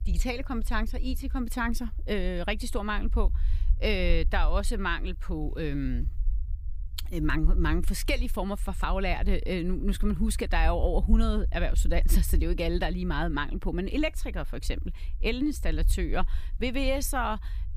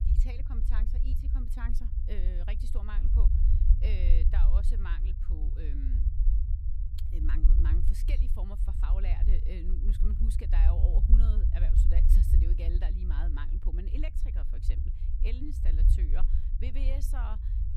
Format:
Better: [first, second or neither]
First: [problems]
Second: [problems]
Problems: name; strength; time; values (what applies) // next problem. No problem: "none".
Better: first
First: low rumble; faint; throughout; 25 dB below the speech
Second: low rumble; loud; throughout; 3 dB below the speech